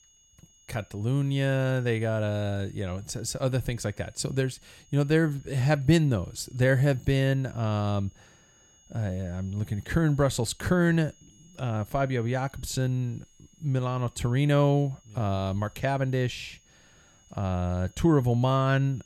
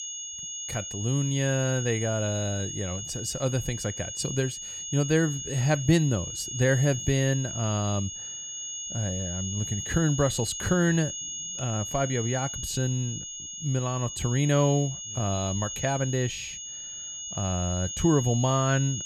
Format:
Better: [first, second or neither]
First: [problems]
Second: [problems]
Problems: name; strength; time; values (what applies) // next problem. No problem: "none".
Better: first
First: high-pitched whine; faint; throughout; 6.5 kHz, 30 dB below the speech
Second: high-pitched whine; loud; throughout; 6.5 kHz, 6 dB below the speech